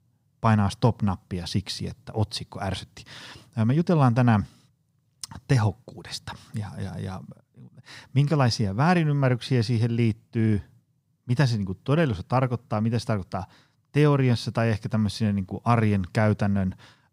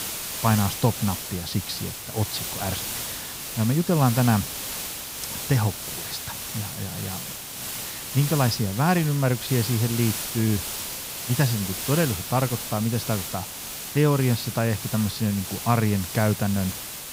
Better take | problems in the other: first | hiss; loud; throughout; 5 dB below the speech

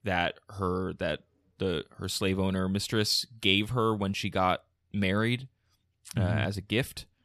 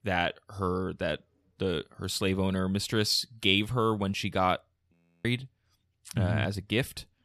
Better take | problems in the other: first | audio freezing; at 5 s

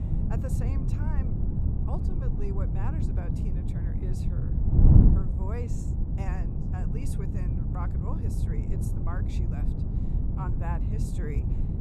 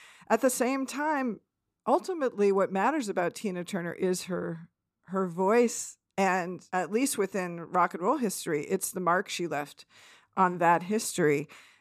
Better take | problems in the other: second | wind noise on the microphone; heavy; 4 dB above the speech

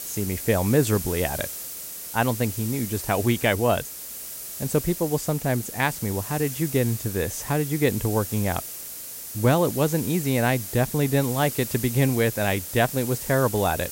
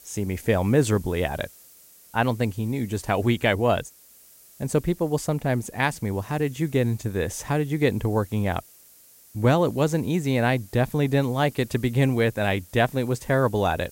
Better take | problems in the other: second | hiss; loud; throughout; 8 dB below the speech; faint in the second

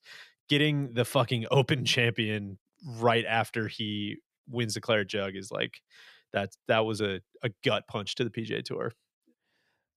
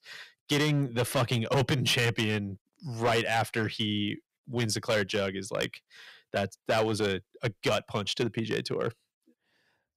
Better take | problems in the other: first | distortion; heavy; 7% of the sound clipped

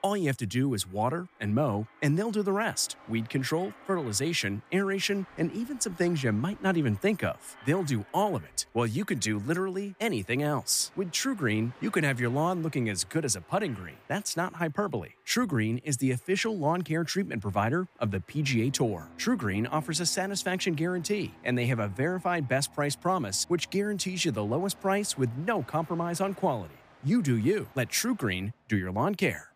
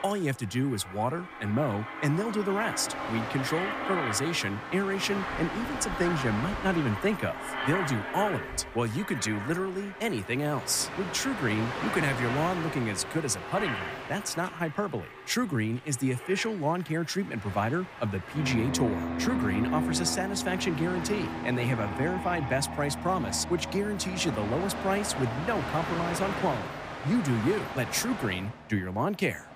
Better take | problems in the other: first | train or aircraft noise; loud; throughout; 5 dB below the speech; faint in the first

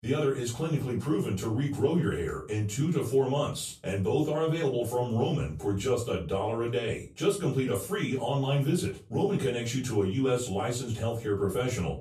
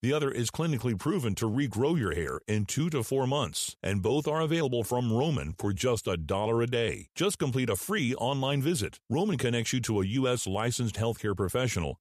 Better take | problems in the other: second | off-mic speech; far // room echo; slight; dies away in 0.3 s

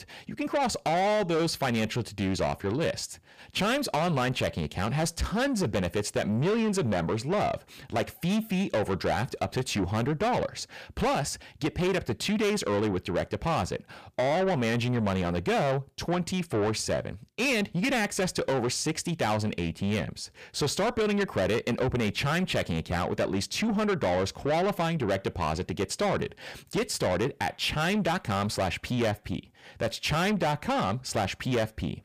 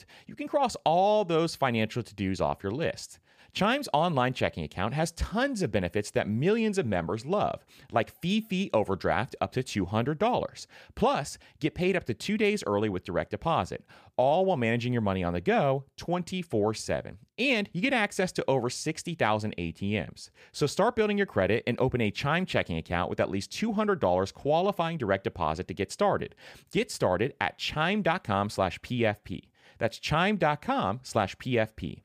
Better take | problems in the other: second | distortion; heavy; 7 dB below the speech

